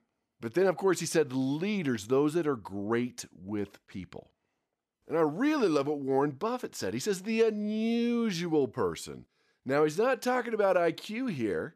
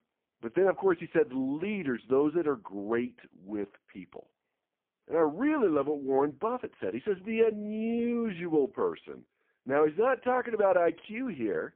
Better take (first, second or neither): first